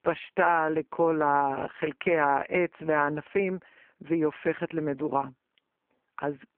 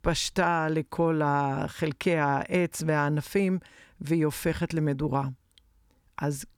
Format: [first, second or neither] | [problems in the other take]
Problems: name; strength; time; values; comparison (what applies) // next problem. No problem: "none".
second | phone-call audio; poor line